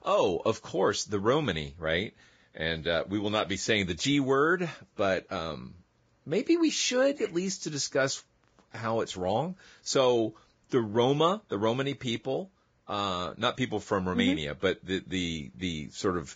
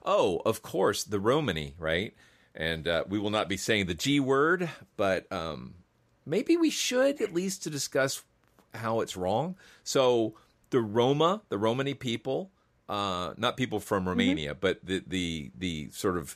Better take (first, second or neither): second